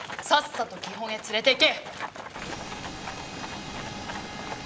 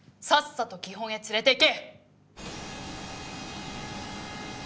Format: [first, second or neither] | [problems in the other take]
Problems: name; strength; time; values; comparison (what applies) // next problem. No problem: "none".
second | background sound (Livestock, farm animals, working animals); 10 dB below the speech